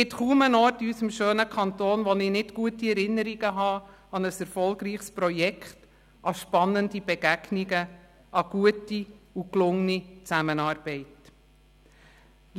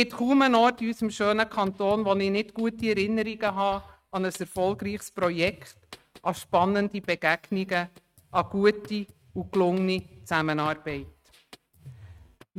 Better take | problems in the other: first | noise reduction (neural mask model RNNoise)

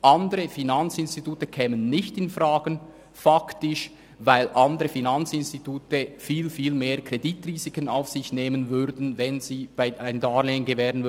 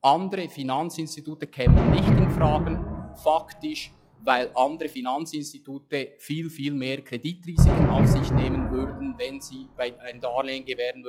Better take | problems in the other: first | noise reduction (classical method log-MMSE)

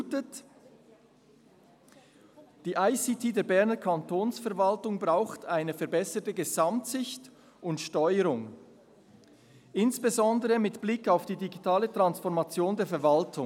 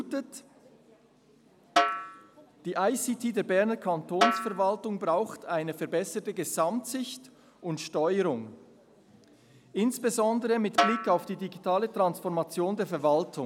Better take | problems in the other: first | background sound (Snare drum); 3 dB below the speech

